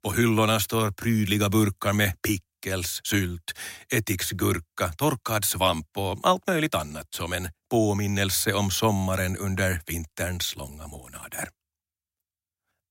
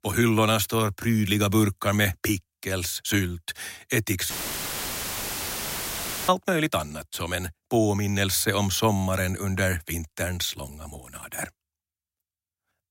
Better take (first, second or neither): first